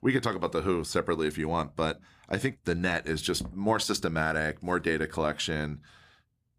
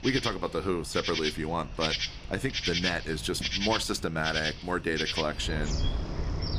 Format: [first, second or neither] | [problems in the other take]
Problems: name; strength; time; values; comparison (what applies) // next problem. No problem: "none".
first | animal sounds; loud; throughout; 1 dB below the speech